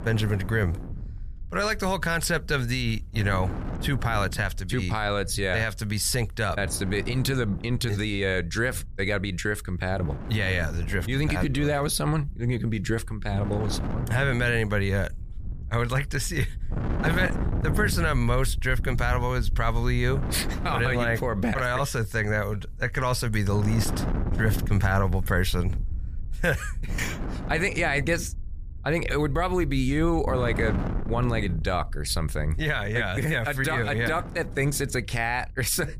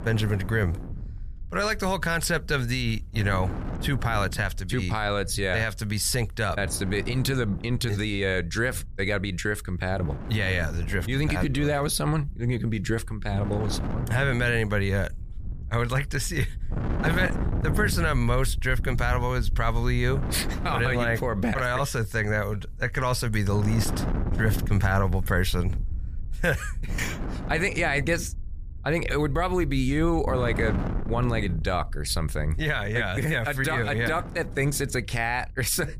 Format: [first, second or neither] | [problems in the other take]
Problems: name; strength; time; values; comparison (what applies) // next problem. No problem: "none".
neither | wind noise on the microphone; occasional gusts; 15 dB below the speech; the same in both